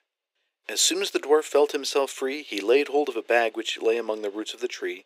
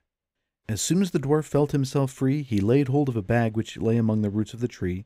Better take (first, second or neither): second